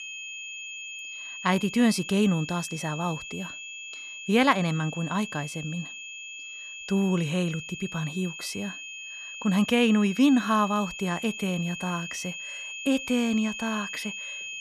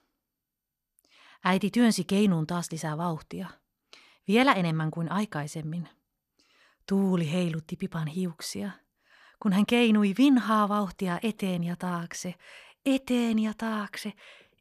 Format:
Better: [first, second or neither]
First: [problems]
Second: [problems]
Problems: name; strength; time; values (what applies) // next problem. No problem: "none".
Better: second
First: high-pitched whine; loud; throughout; 2.5 kHz, 9 dB below the speech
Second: none